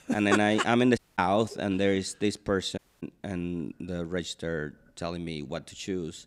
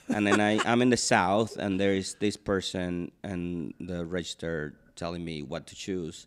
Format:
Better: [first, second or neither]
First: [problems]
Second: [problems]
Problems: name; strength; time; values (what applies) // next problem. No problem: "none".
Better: second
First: audio cutting out; at 1 s and at 3 s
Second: none